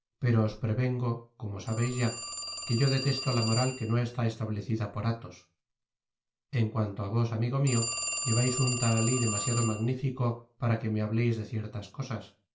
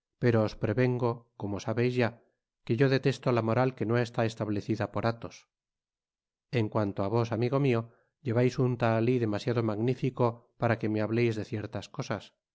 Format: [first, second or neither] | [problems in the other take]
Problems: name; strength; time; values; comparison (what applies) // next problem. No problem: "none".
second | background sound (Telephone); 9 dB below the speech // room echo; dies away in 0.3 s